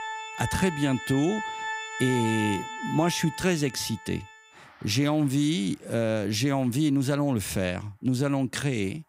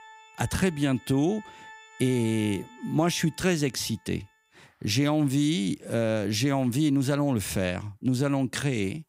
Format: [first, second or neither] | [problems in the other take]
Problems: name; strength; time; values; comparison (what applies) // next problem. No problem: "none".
second | background music; loud; throughout; 7 dB below the speech; faint in the second